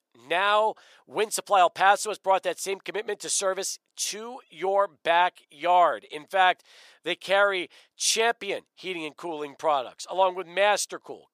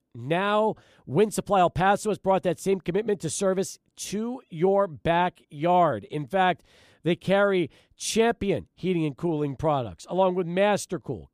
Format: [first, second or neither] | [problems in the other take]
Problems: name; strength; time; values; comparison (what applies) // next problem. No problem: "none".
second | thin; very; fading below 750 Hz